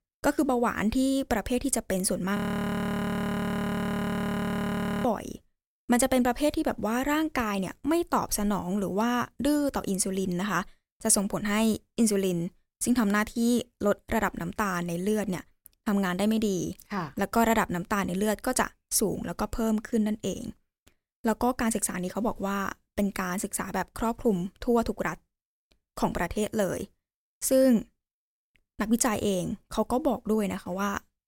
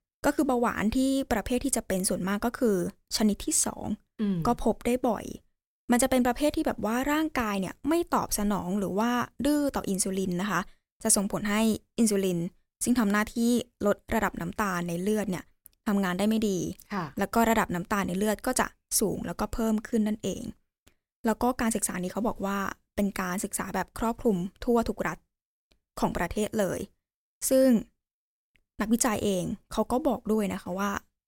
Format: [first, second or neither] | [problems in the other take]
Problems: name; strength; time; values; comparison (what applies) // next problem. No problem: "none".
second | audio freezing; at 2.5 s for 2.5 s